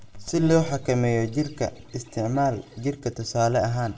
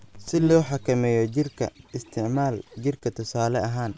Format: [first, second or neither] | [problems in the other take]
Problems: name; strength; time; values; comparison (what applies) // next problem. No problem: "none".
second | room echo; dies away in 0.3 s